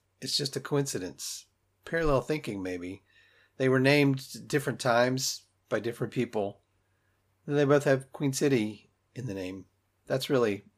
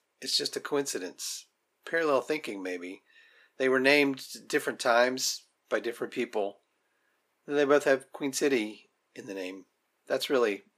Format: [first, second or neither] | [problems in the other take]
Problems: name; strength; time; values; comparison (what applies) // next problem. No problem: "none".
first | thin; very slightly; fading below 300 Hz